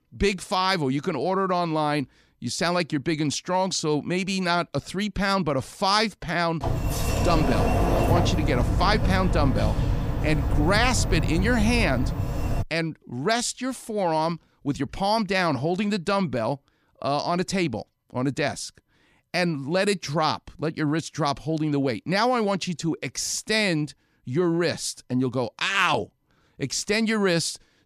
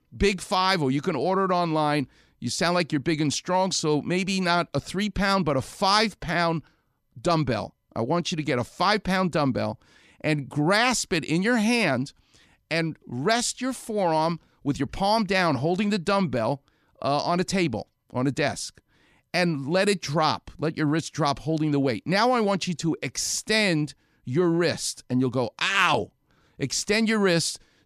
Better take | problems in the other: second | door banging; loud; from 6.5 to 13 s; peak 3 dB above the speech

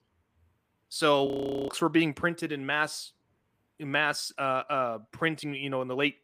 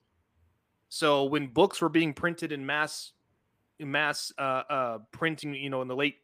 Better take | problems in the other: second | audio freezing; at 1.5 s

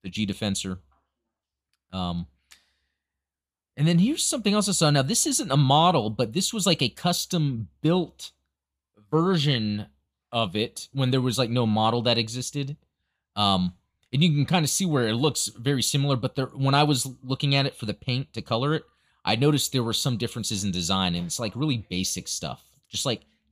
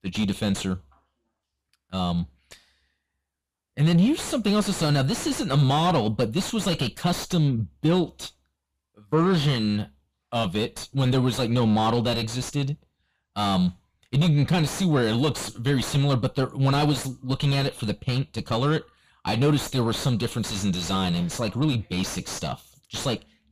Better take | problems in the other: first | distortion; heavy; 5 dB below the speech

